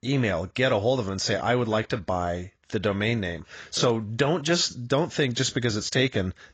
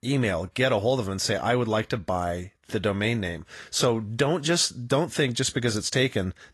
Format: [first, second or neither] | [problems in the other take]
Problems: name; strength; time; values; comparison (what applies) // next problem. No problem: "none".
second | garbled, watery; badly; nothing above 7.5 kHz; slightly in the second